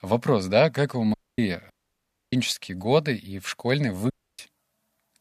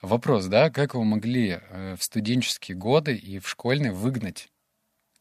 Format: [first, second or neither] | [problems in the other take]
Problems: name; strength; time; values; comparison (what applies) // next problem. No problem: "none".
second | audio cutting out; at 1 s, at 1.5 s for 0.5 s and at 4 s